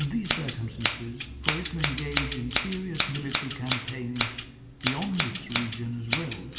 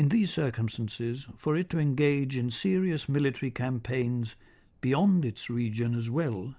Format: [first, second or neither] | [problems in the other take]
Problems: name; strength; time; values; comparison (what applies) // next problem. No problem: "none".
second | background sound (Scissors); as loud as the speech // room echo; dies away in 2.2 s